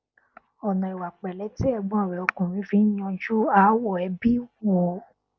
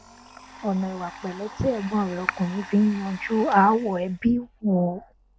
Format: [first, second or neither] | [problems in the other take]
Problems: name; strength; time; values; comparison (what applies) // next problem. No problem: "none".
first | background sound (Domestic sounds, home sounds); 19 dB below the speech